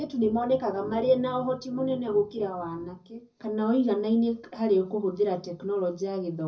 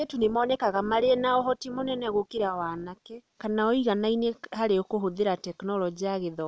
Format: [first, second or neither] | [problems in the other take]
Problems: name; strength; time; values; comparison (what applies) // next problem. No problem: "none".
second | room echo; dies away in 0.4 s